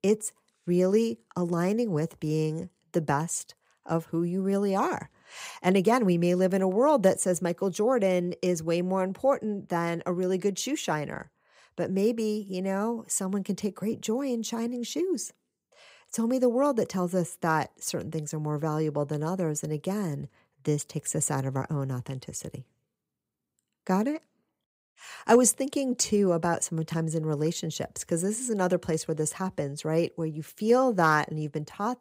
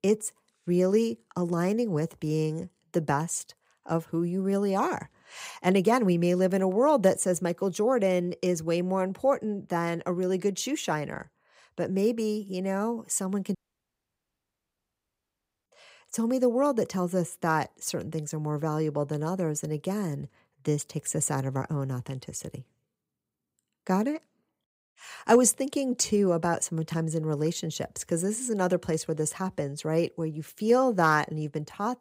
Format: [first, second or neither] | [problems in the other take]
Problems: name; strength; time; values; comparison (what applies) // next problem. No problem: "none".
first | audio cutting out; at 14 s for 2 s